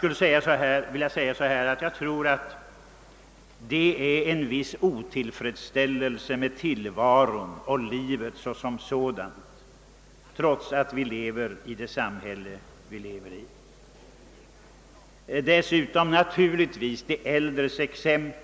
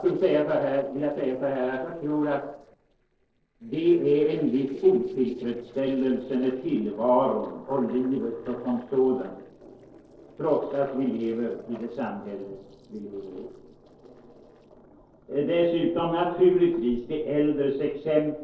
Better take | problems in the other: first | noise reduction (neural separator model SepFormer DNS4)

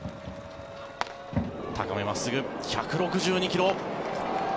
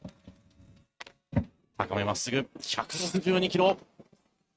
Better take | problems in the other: first | noise reduction (neural mask model RNNoise)

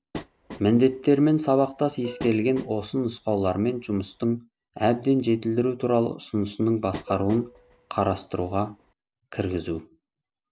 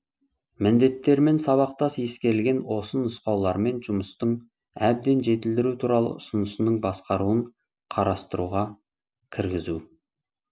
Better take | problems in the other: second | background sound (Plucked string instrument + Train); 17 dB below the speech

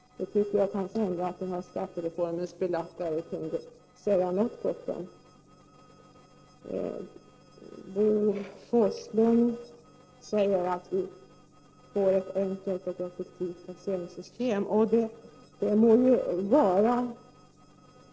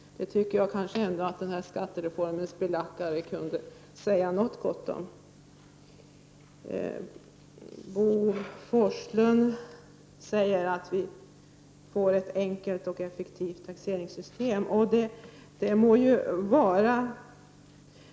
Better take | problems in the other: second | noise reduction (neural separator model SepFormer DNS4)

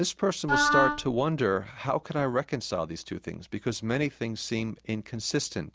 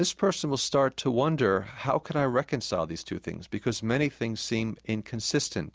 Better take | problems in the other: second | background sound (Wind instrument, woodwind instrument); 3 dB above the speech

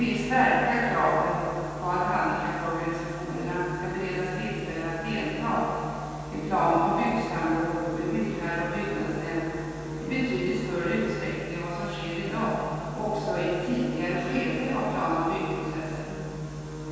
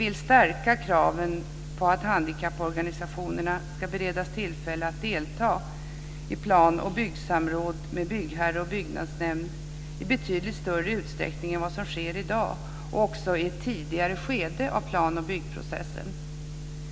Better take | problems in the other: second | background sound (Musical instrument); 12 dB below the speech // room echo; dies away in 2.1 s

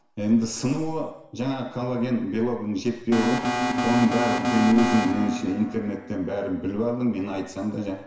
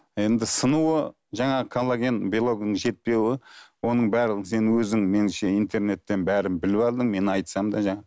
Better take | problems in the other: second | background sound (Alarm); 1 dB below the speech // room echo; dies away in 0.9 s

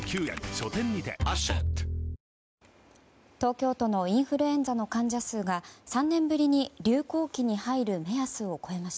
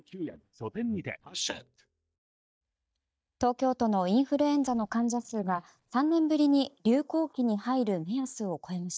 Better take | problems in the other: first | noise reduction (neural mask model DeepFilterNet 3)

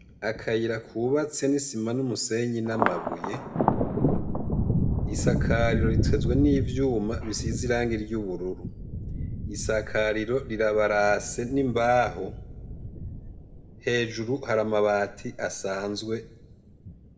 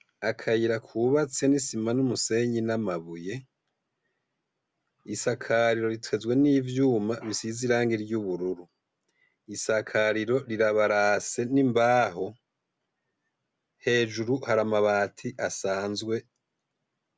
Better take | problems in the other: second | background sound (Thunder); 2 dB below the speech // room echo; dies away in 0.6 s

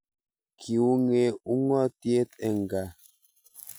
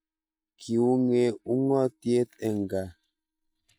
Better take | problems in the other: first | noise reduction (neural mask model DeepFilterNet 3)

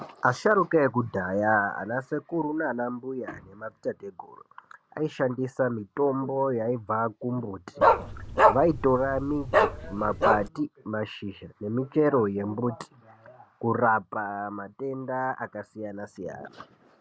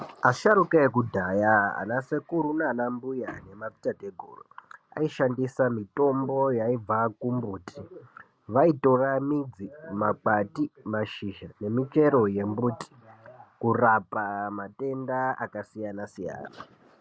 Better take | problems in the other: second | background sound (Bark); 4 dB above the speech

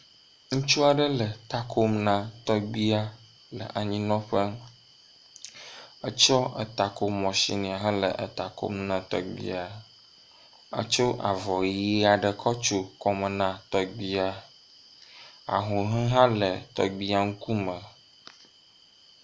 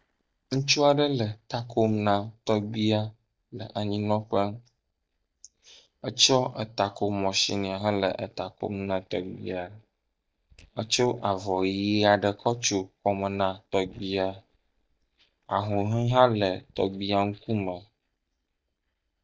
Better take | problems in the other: first | noise reduction (neural mask model DeepFilterNet 3)

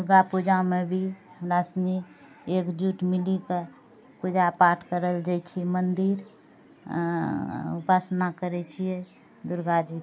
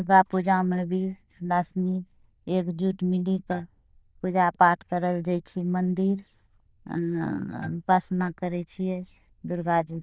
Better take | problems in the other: first | noise reduction (neural diffusion model UNIVERSE++)

